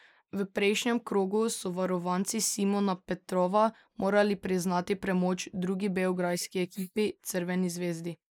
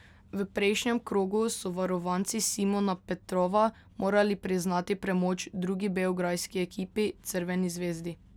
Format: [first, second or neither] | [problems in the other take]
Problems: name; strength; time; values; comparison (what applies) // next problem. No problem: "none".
second | noise reduction (neural mask model Resemble Enhance denoiser)